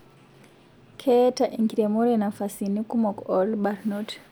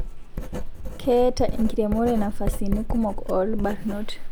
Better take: first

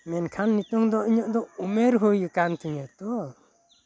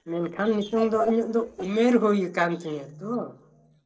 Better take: first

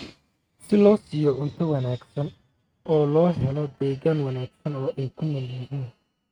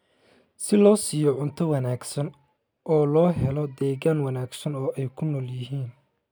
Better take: second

